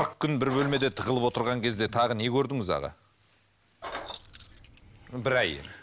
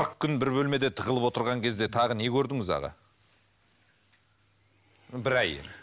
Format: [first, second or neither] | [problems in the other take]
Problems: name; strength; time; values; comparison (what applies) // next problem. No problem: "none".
second | background sound (Keys jangling); 14 dB below the speech